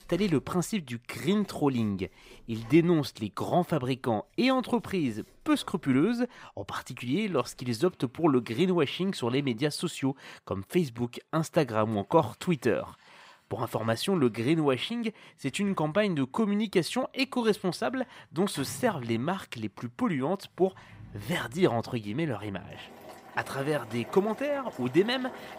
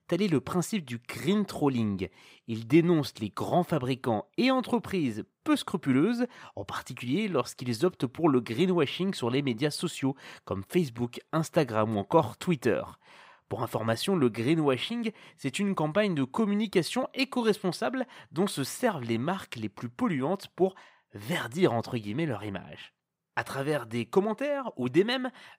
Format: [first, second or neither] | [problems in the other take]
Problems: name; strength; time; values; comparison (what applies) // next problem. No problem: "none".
second | household noises; faint; throughout; 20 dB below the speech